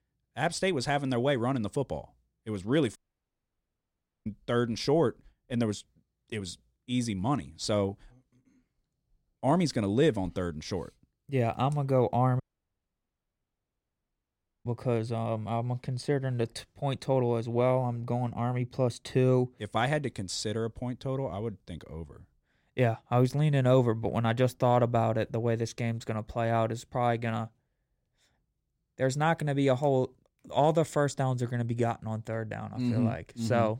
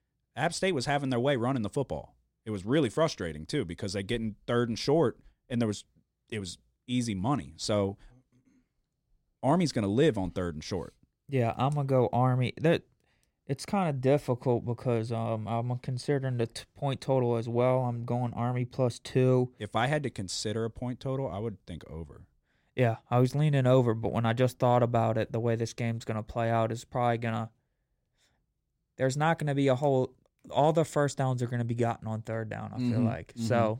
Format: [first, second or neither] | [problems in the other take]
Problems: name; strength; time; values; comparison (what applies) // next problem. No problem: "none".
second | audio cutting out; at 3 s for 1.5 s and at 12 s for 2.5 s